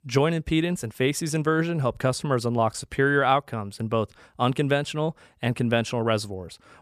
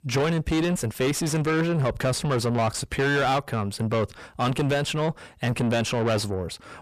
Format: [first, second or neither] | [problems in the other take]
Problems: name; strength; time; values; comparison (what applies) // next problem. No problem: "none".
first | distortion; heavy; 6 dB below the speech